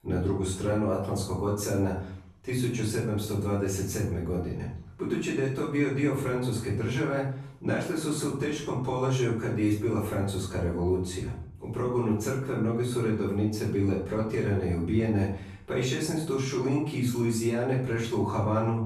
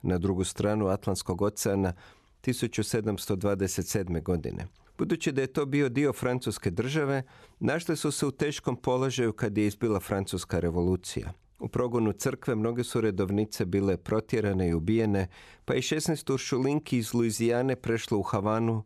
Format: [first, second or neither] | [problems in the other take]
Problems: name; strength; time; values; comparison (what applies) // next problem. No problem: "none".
second | room echo; noticeable; dies away in 0.5 s // off-mic speech; far